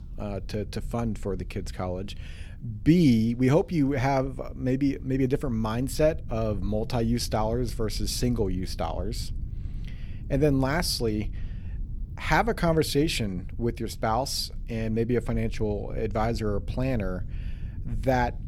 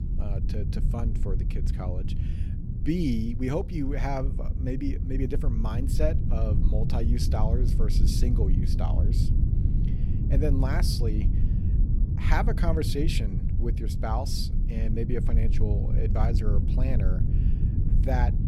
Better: first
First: low rumble; faint; throughout; 25 dB below the speech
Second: low rumble; loud; throughout; 6 dB below the speech

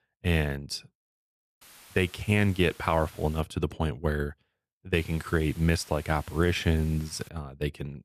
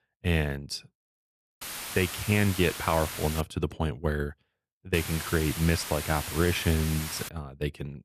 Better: first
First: hiss; faint; from 1.5 to 3.5 s and from 5 to 7.5 s; 20 dB below the speech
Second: hiss; loud; from 1.5 to 3.5 s and from 5 to 7.5 s; 7 dB below the speech

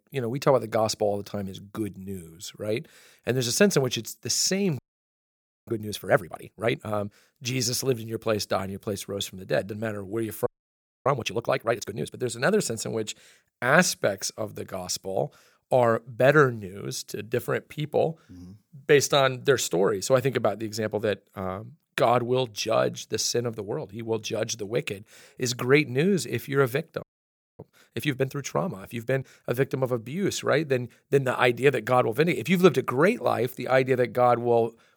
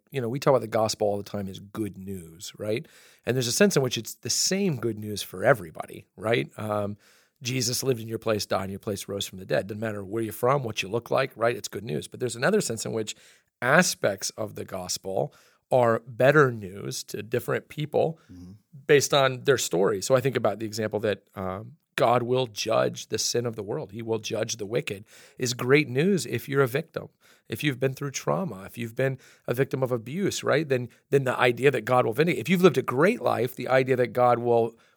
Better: second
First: audio freezing; at 5 s for 1 s, at 10 s for 0.5 s and at 27 s for 0.5 s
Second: none

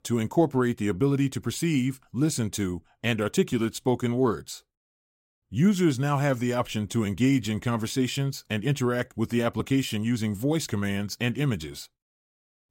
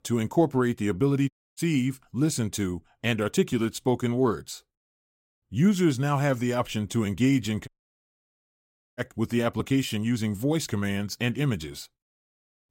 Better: first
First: none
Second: audio cutting out; at 1.5 s and at 7.5 s for 1.5 s

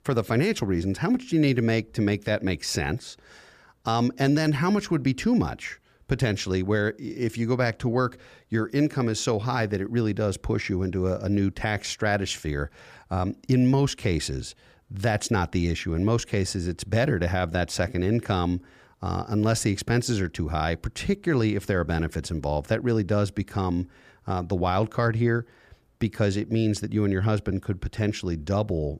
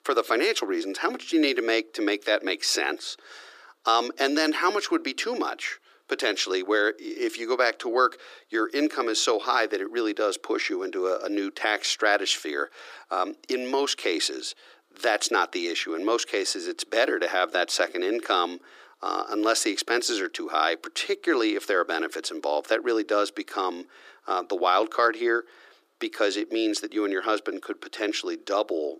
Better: first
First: none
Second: thin; very; fading below 300 Hz

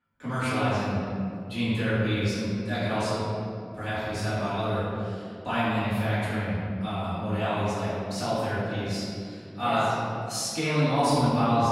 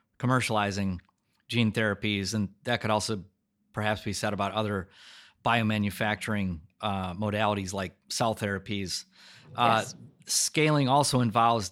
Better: second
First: off-mic speech; far // room echo; strong; dies away in 2.5 s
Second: none

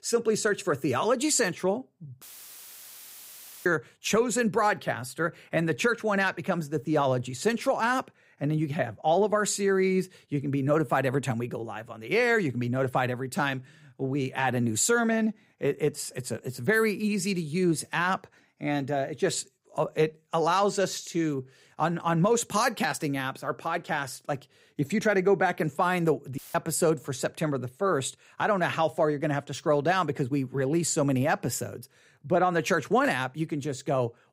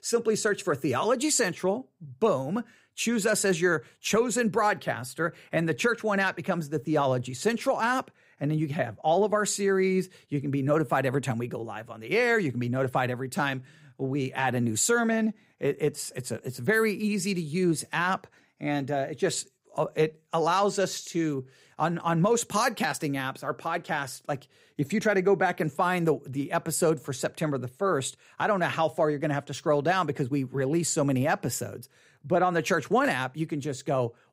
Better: second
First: audio cutting out; filled with static; at 2 s for 1.5 s and at 26 s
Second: none

